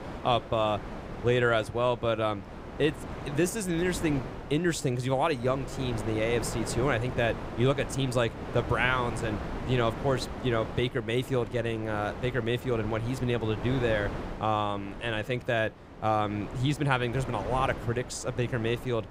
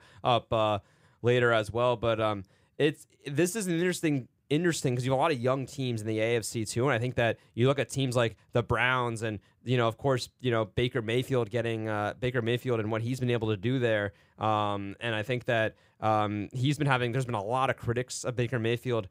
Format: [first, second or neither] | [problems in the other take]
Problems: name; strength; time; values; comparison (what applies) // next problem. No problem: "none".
second | wind noise on the microphone; occasional gusts; 10 dB below the speech